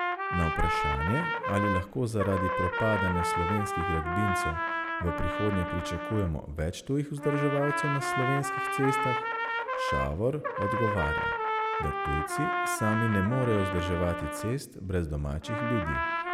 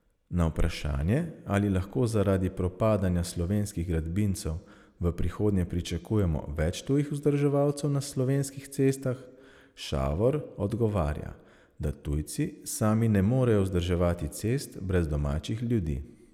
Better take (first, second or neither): second